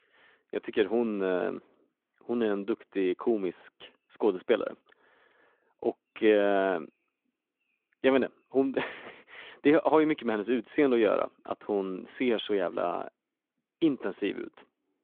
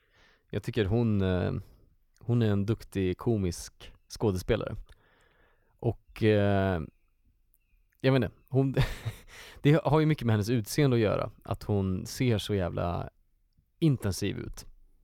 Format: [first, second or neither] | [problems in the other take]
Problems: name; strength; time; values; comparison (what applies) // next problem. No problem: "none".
second | phone-call audio; nothing above 3.5 kHz